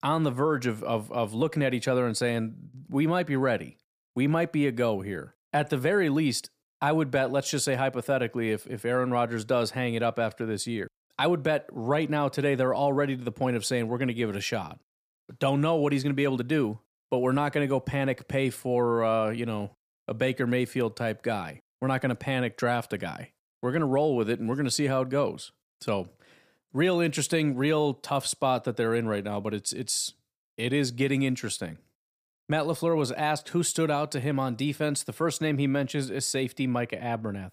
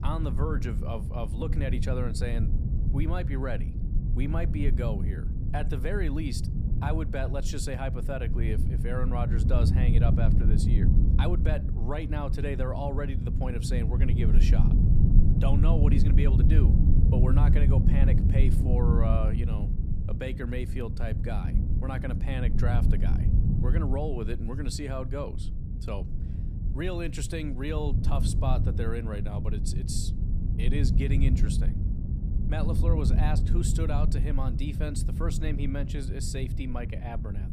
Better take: first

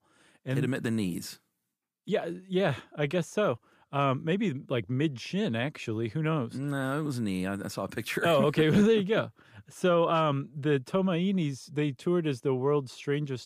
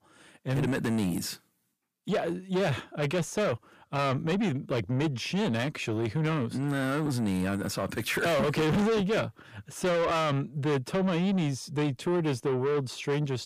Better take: first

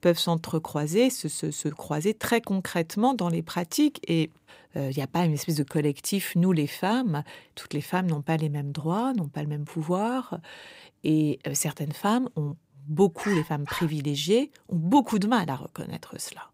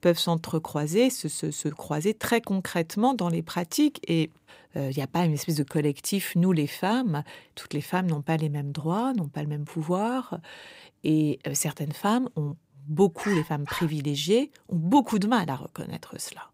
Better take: neither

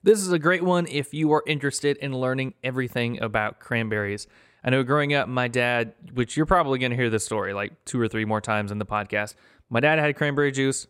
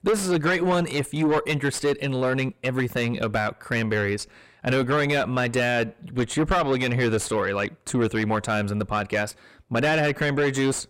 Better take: first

